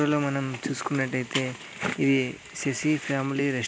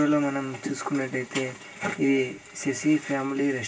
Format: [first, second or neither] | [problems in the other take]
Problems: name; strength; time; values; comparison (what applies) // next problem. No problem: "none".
first | room echo; dies away in 0.2 s